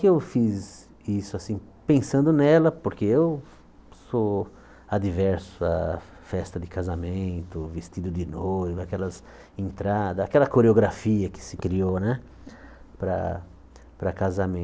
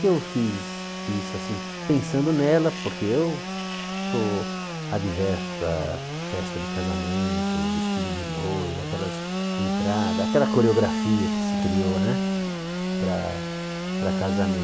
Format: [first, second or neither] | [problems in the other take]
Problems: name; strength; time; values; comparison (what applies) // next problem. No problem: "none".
first | background sound (Sawing / Engine); 1 dB below the speech